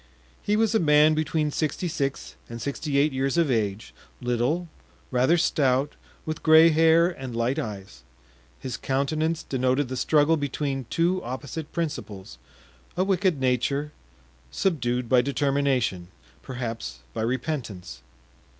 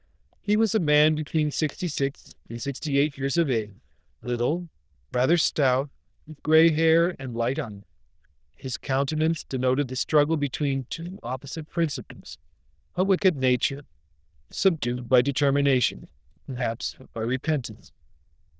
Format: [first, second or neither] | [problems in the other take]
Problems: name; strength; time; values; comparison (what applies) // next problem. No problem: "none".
first | noise reduction (neural diffusion model UNIVERSE++)